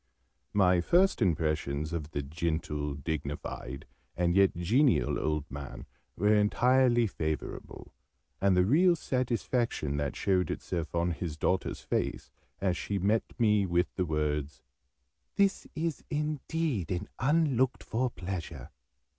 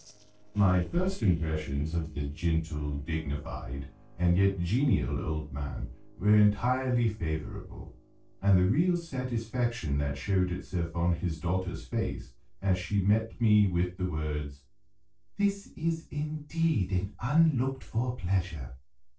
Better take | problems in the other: first | noise reduction (neural separator model SepFormer DNS4)

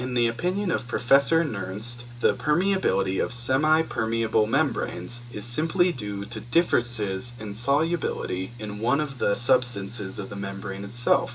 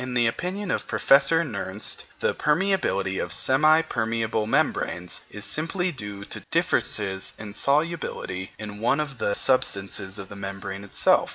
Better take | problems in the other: second | background sound (Mechanical fan); 15 dB below the speech // room echo; dies away in 0.2 s

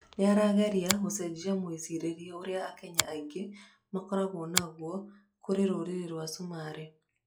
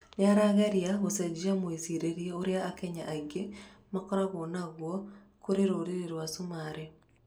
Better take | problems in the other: second | noise reduction (classical method log-MMSE)

